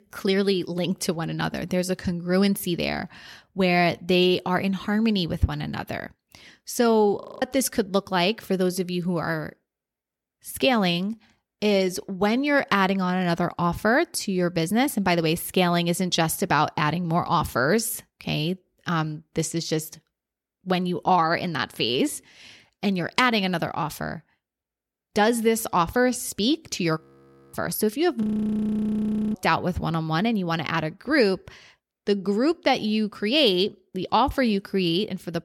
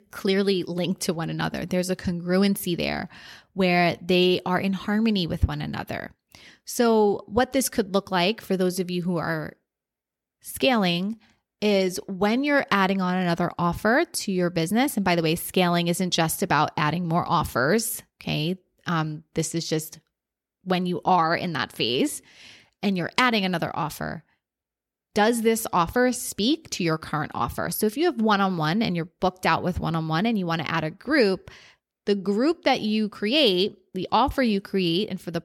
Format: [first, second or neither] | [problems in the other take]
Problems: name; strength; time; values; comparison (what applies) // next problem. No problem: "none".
second | audio freezing; at 7 s, at 27 s for 0.5 s and at 28 s for 1 s